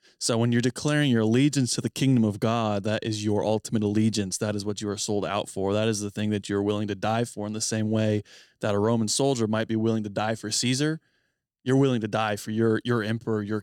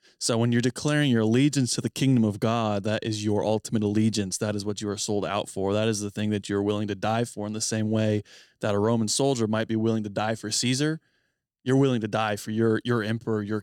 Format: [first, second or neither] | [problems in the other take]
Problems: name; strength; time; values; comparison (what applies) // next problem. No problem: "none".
neither | none